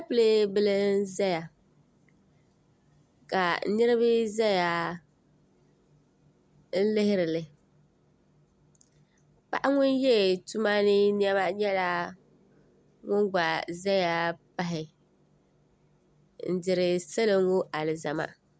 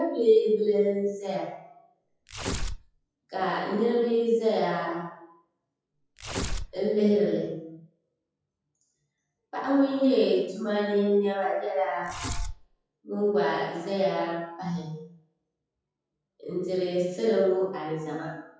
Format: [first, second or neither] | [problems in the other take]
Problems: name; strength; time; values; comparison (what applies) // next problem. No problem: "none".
first | noise reduction (classical method WPE with log-MMSE)